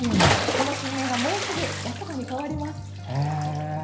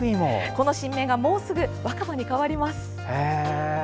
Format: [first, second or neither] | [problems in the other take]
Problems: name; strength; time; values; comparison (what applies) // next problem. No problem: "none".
second | background sound (Bathtub (filling or washing) / Splash, splatter); 1 dB below the speech // room echo; dies away in 0.5 s